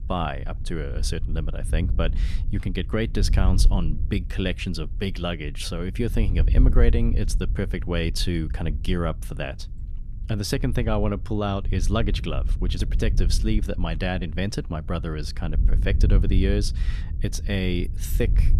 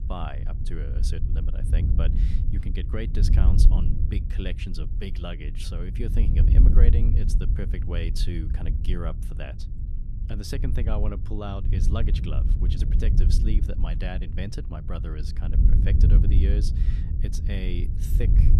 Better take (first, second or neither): first